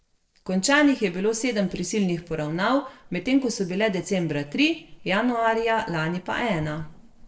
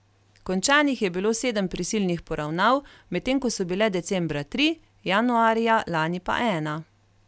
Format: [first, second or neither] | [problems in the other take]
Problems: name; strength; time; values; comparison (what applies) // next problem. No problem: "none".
second | noise reduction (neural separator model SepFormer DNS4)